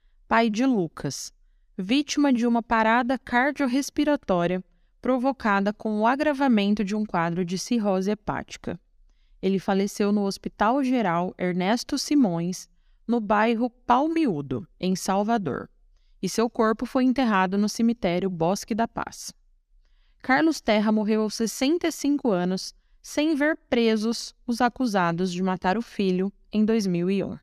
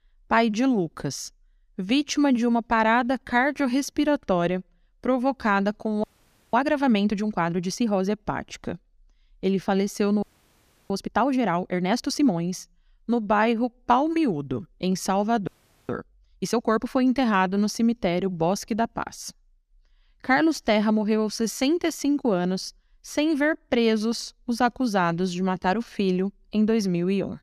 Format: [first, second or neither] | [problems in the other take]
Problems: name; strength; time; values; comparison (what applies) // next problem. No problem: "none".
first | audio freezing; at 6 s, at 10 s for 0.5 s and at 15 s